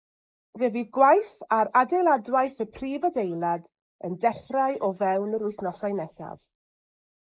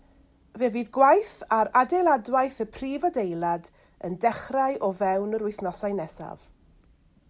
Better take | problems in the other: second | noise reduction (neural mask model Resemble Enhance denoiser)

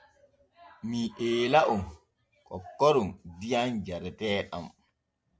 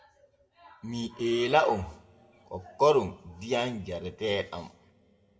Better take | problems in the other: first | room echo; dies away in 1 s

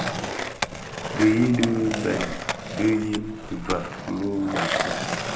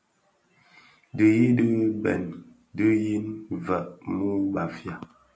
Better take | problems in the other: second | background sound (Skateboard); 4 dB below the speech

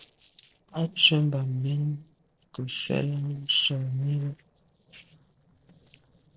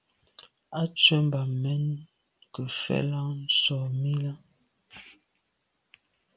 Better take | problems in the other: second | noise reduction (neural separator model SepFormer DNS4)

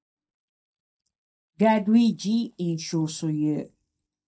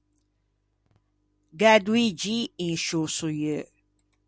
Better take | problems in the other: second | noise reduction (neural mask model DeepFilterNet 3)

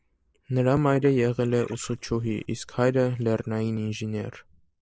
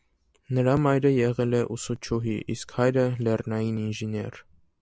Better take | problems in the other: second | noise reduction (neural mask model Resemble Enhance denoiser)

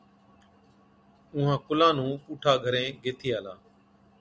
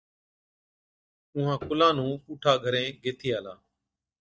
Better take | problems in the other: first | noise reduction (neural mask model DeepFilterNet 3)

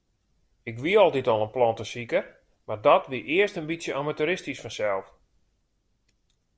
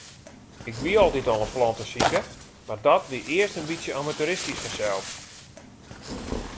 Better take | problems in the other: first | background sound (Tearing); 7 dB below the speech

